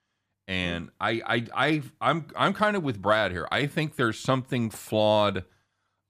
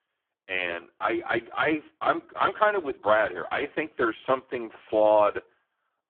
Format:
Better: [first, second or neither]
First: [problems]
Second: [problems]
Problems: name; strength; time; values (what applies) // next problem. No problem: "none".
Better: first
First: none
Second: phone-call audio; poor line